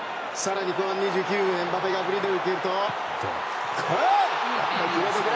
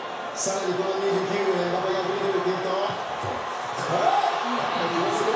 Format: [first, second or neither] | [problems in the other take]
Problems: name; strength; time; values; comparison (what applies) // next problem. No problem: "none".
first | background sound (Screech / Glass); 19 dB below the speech // room echo; dies away in 0.7 s